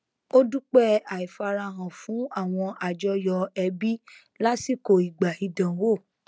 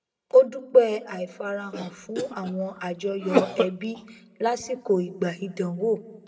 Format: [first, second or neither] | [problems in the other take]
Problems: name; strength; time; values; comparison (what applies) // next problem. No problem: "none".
first | background sound (Cough); 4 dB below the speech // room echo; dies away in 1.2 s